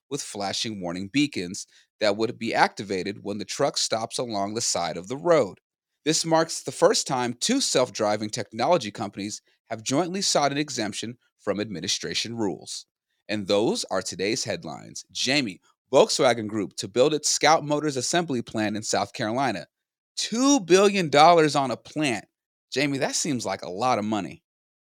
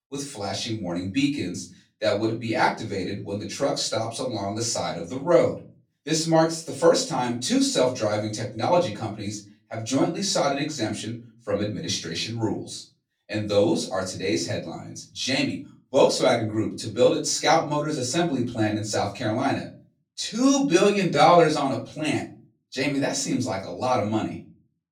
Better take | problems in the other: first | off-mic speech; far // room echo; slight; dies away in 0.3 s

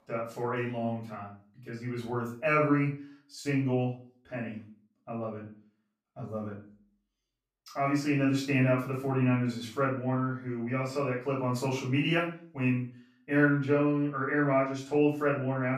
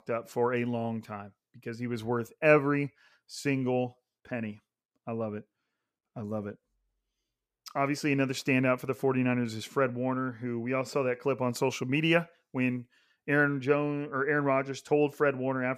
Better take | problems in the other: second | off-mic speech; far // room echo; slight; dies away in 0.4 s

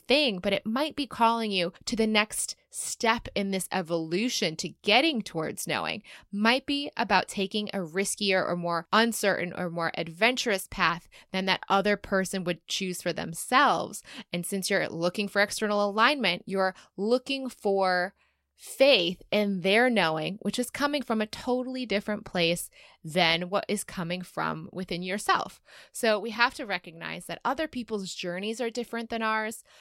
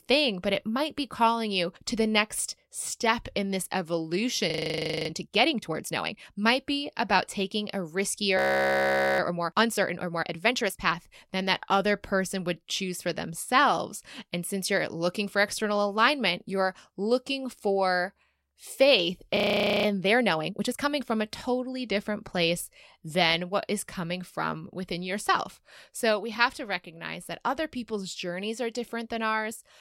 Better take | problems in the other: first | audio freezing; at 4.5 s for 0.5 s, at 8.5 s for 1 s and at 19 s

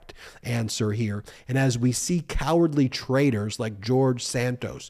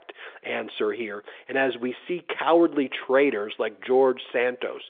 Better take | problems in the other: first | phone-call audio; nothing above 3.5 kHz

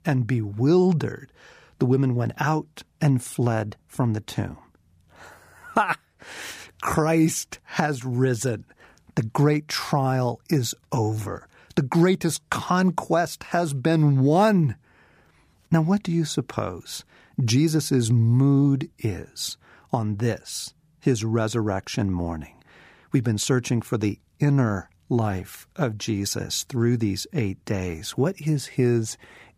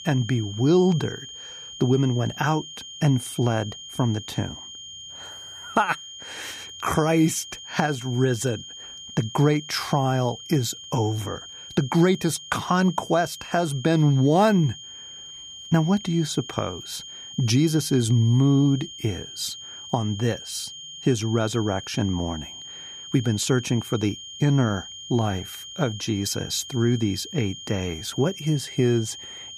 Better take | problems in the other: first | high-pitched whine; noticeable; throughout; 3 kHz, 15 dB below the speech

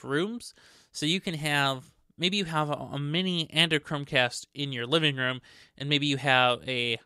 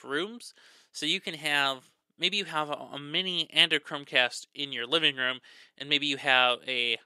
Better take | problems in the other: first | thin; somewhat; fading below 300 Hz

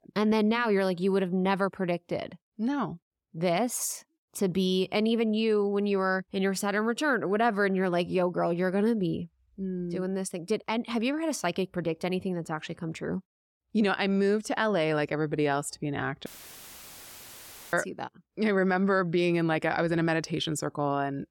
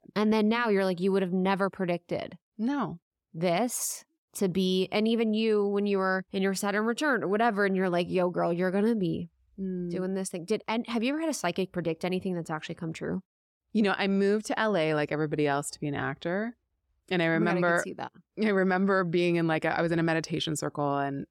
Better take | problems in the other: second | audio cutting out; filled with static; at 16 s for 1.5 s

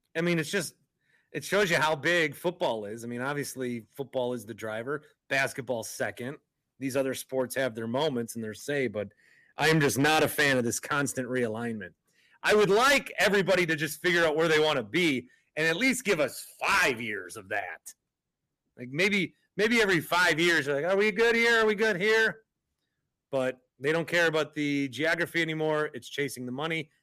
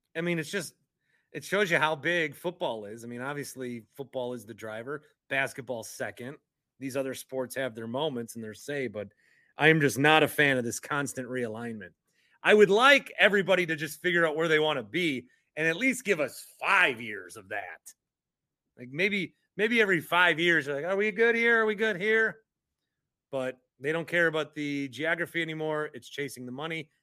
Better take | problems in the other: second | distortion; heavy; 6% of the sound clipped

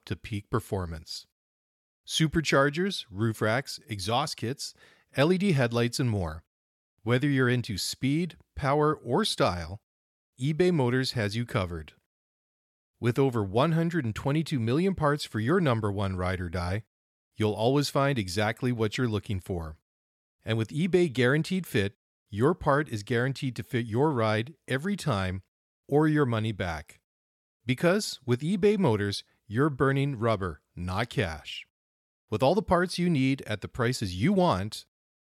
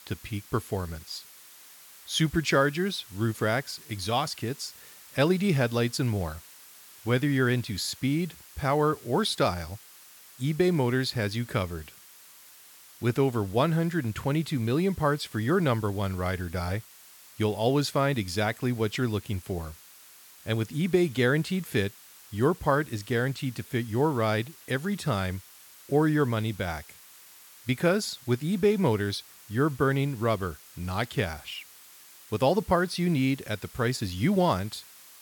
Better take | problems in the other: first | hiss; faint; throughout; 20 dB below the speech

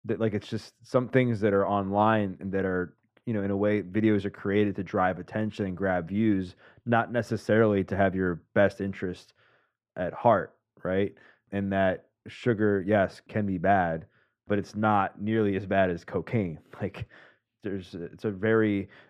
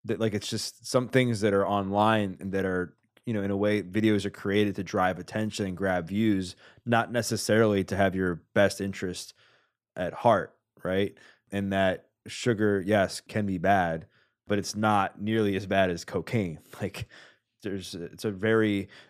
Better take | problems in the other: second | muffled; slightly; fading above 4 kHz

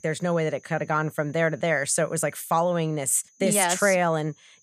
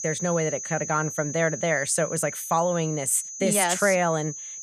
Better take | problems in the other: first | high-pitched whine; loud; throughout; 6 kHz, 9 dB below the speech; faint in the first

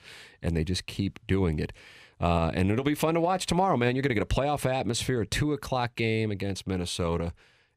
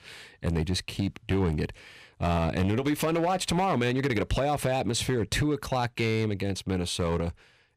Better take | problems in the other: first | distortion; slight; 7% of the sound clipped

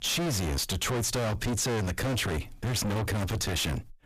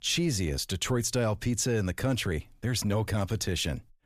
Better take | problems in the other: second | distortion; heavy; 5 dB below the speech

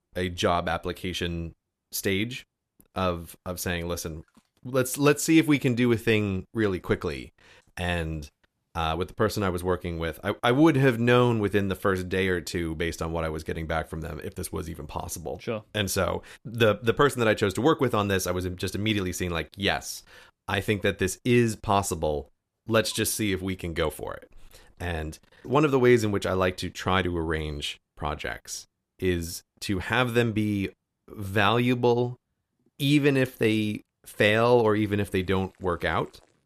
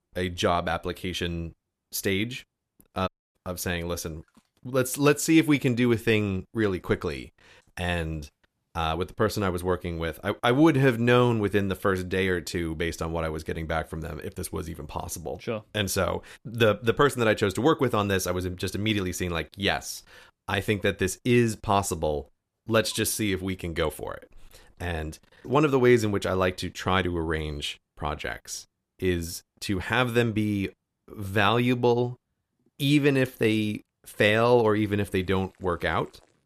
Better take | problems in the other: first | audio cutting out; at 3 s

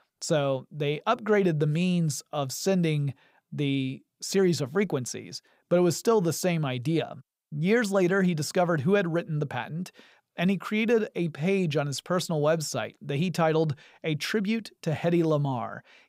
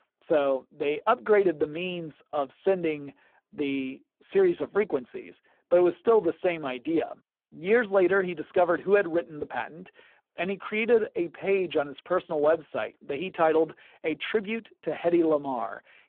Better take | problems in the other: first | phone-call audio; poor line

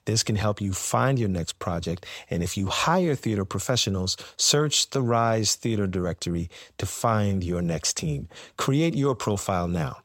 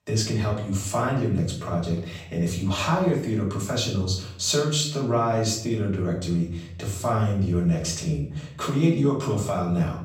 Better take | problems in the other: first | off-mic speech; far // room echo; noticeable; dies away in 0.7 s

